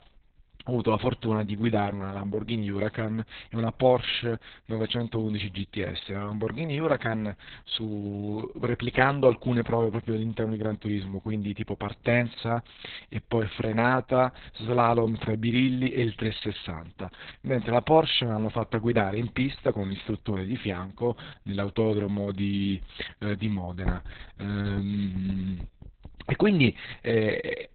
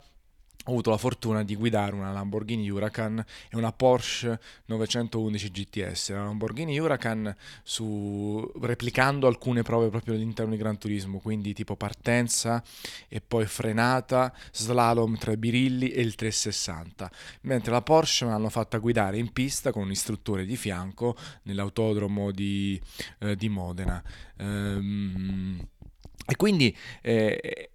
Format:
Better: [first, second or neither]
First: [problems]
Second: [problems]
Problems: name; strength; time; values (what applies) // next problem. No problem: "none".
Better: second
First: garbled, watery; badly; nothing above 4 kHz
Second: none